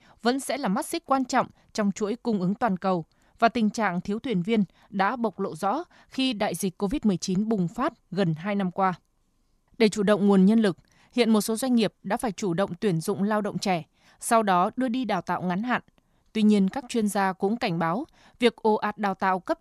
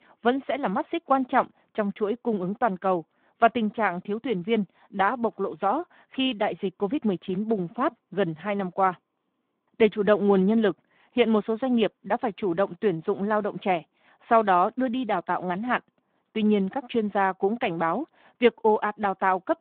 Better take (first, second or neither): first